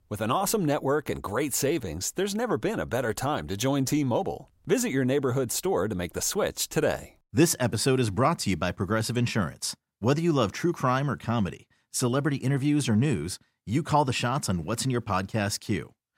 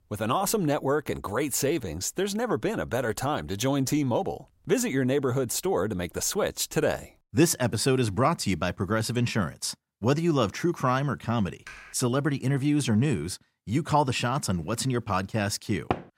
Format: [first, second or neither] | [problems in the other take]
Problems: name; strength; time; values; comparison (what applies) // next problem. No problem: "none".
first | keyboard typing; faint; at 12 s; peak 15 dB below the speech // door banging; noticeable; at 16 s; peak 6 dB below the speech